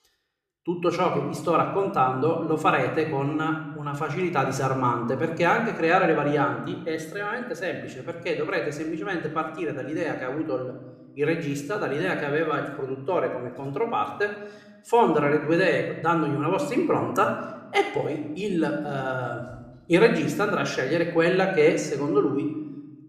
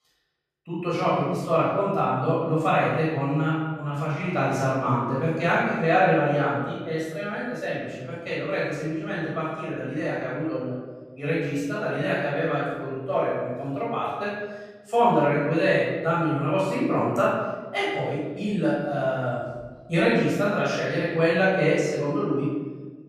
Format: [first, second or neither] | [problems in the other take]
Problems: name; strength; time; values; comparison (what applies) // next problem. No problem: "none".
first | room echo; strong; dies away in 1.2 s; slight in the first // off-mic speech; far